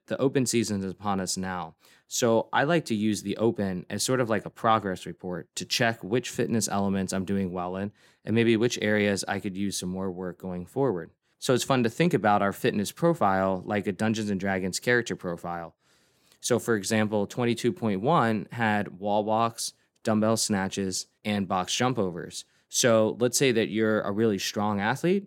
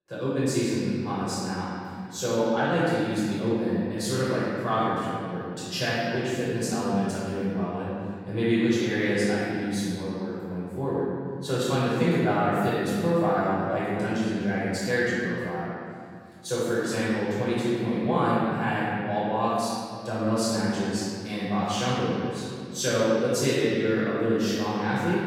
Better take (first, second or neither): first